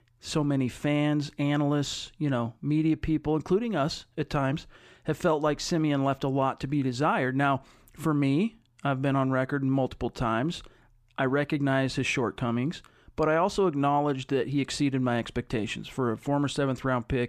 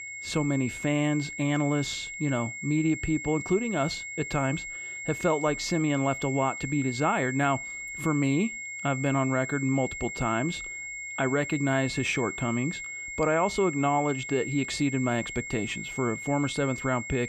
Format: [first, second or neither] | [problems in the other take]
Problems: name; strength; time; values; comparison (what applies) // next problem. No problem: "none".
first | high-pitched whine; loud; throughout; 2 kHz, 7 dB below the speech